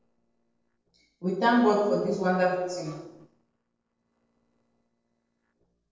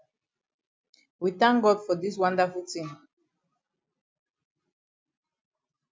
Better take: second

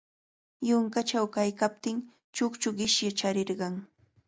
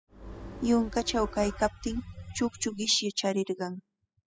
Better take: first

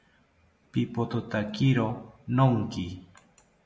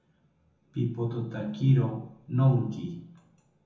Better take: first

